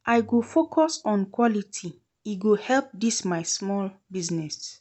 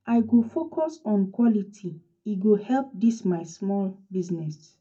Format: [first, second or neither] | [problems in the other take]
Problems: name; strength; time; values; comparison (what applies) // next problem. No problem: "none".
first | room echo; dies away in 0.3 s